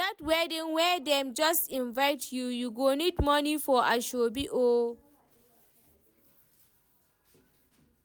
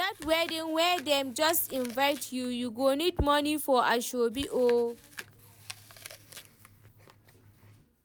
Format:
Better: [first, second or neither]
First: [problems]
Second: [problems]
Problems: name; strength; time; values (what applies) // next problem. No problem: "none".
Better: first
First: none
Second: background sound (Chewing, mastication); 20 dB below the speech